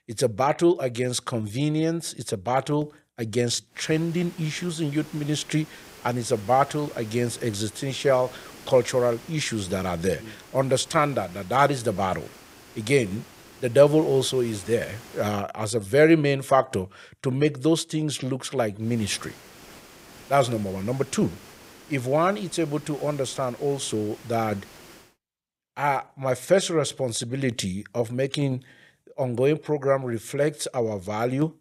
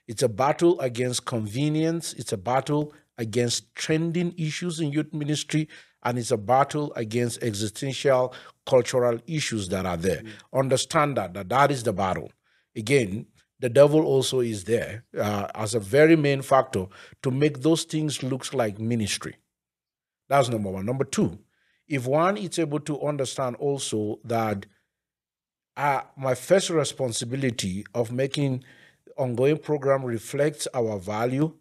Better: second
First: hiss; faint; from 4 to 15 s and from 19 to 25 s; 20 dB below the speech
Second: none

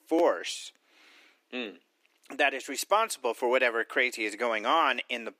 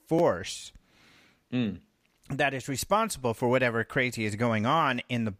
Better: second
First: thin; somewhat; fading below 300 Hz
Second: none

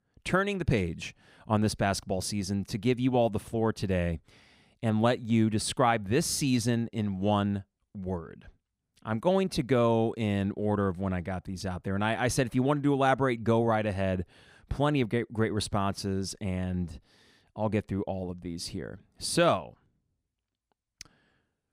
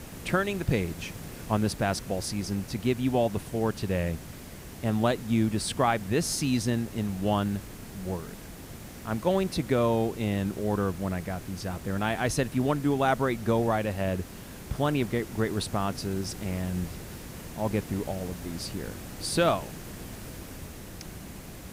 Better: first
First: none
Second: hiss; noticeable; throughout; 15 dB below the speech

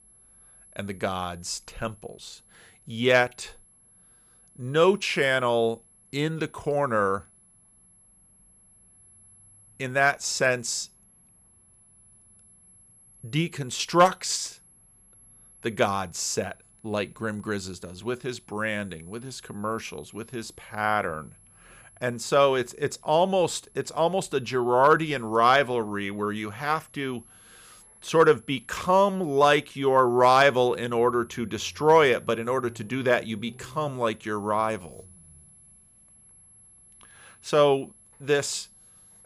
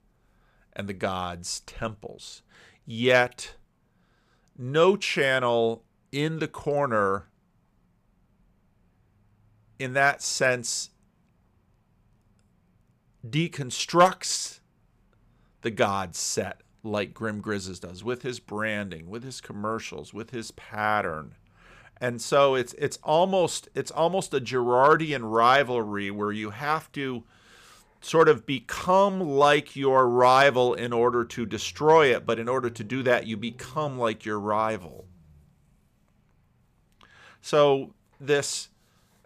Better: second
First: high-pitched whine; faint; throughout; 11 kHz, 30 dB below the speech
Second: none

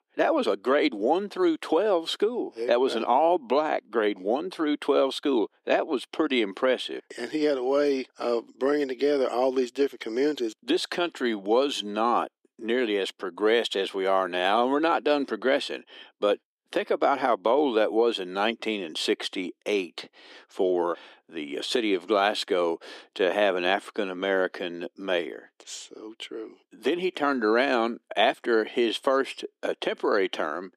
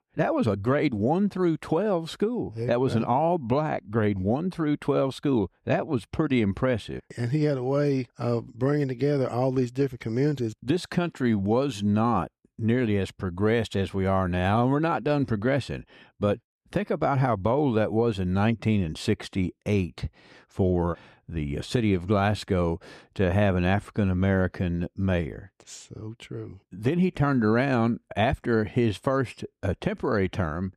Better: second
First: thin; somewhat; fading below 300 Hz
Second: none

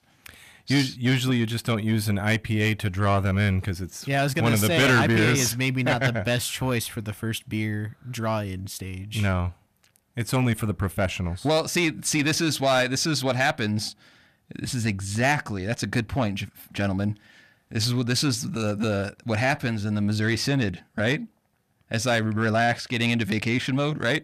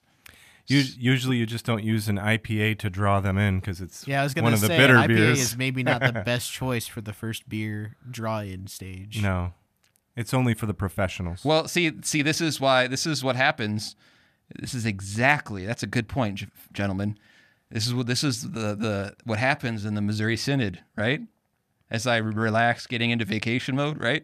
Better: second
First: distortion; slight; 10 dB below the speech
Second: none

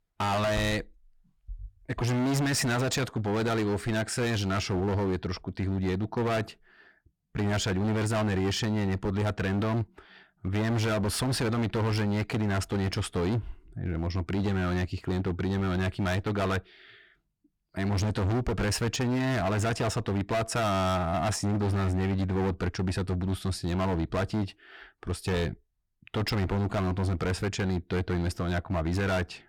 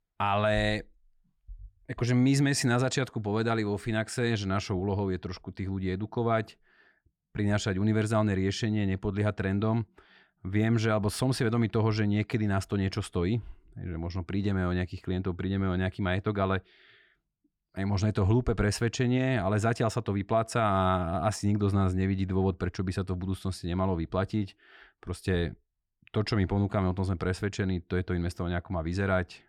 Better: second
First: distortion; heavy; 26% of the sound clipped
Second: none

